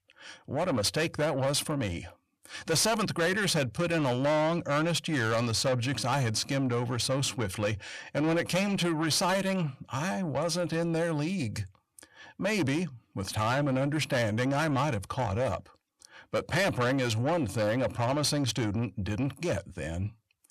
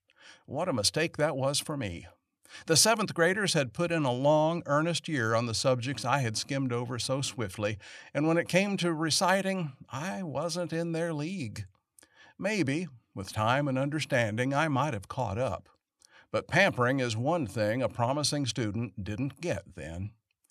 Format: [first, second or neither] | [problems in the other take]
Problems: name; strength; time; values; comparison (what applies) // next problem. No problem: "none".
second | distortion; heavy; 8 dB below the speech